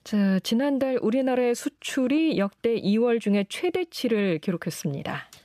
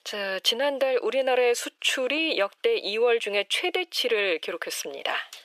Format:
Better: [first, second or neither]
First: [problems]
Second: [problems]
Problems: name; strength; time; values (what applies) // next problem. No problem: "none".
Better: first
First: none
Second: thin; very; fading below 450 Hz